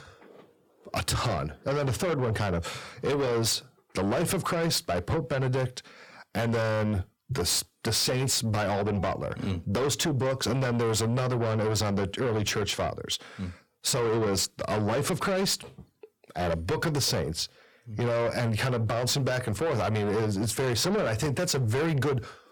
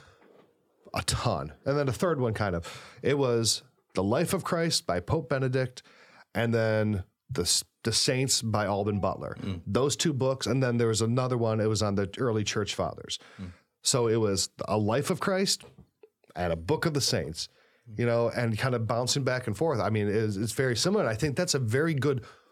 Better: second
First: distortion; heavy; 7 dB below the speech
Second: none

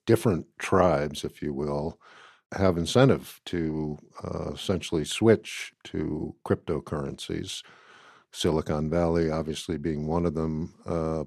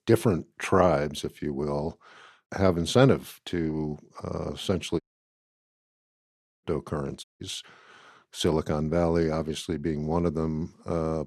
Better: first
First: none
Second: audio cutting out; at 5 s for 1.5 s and at 7 s

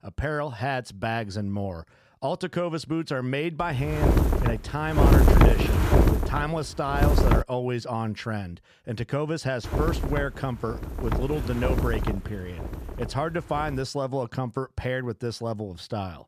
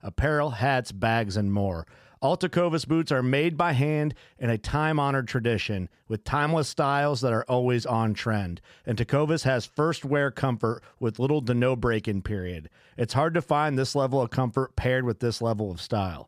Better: second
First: wind noise on the microphone; heavy; from 3.5 to 7.5 s and from 9.5 to 14 s; 1 dB above the speech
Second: none

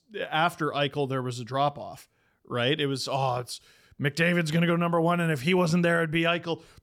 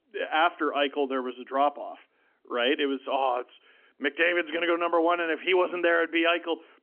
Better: first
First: none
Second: phone-call audio; nothing above 3 kHz

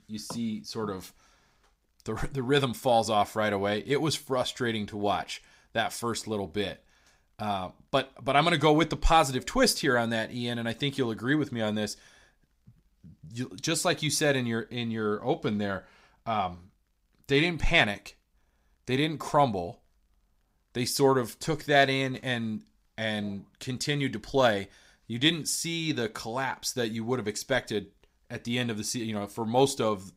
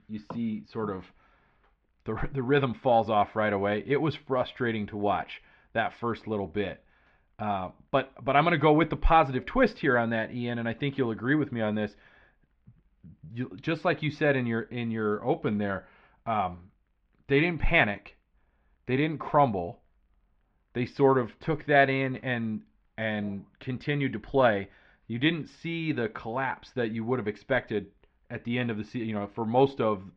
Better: first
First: none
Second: muffled; very; fading above 2.5 kHz

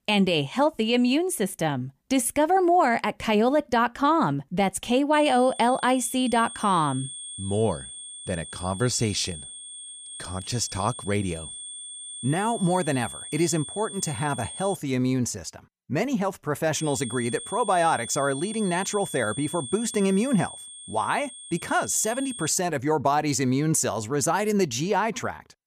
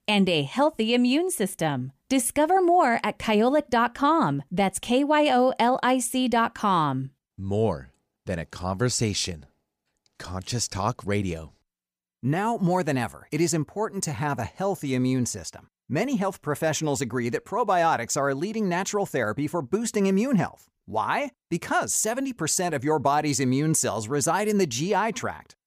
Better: second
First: high-pitched whine; noticeable; from 5 to 15 s and from 17 to 22 s; 8.5 kHz, 10 dB below the speech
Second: none

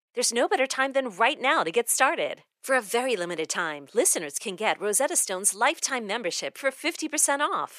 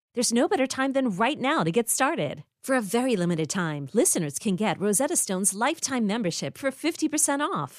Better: second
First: thin; somewhat; fading below 500 Hz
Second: none

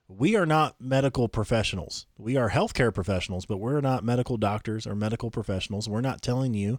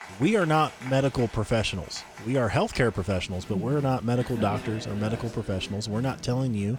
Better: first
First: none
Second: crowd noise; noticeable; throughout; 15 dB below the speech

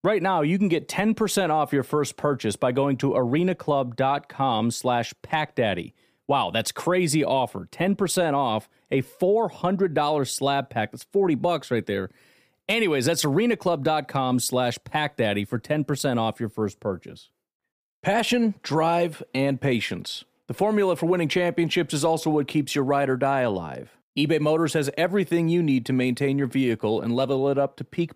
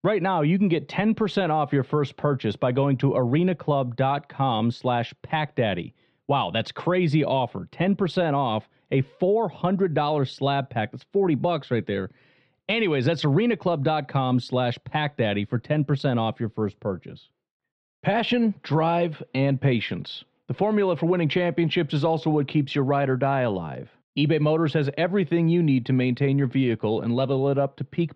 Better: first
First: none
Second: muffled; slightly; fading above 3.5 kHz

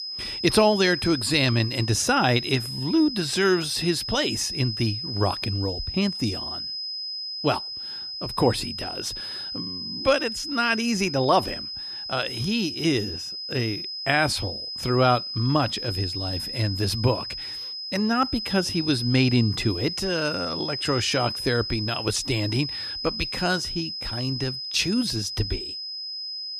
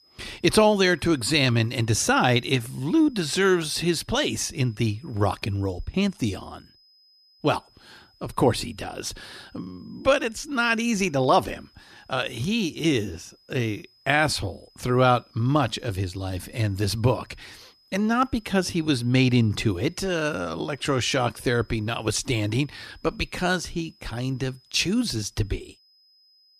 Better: second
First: high-pitched whine; loud; throughout; 5 kHz, 5 dB below the speech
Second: high-pitched whine; faint; throughout; 5 kHz, 30 dB below the speech

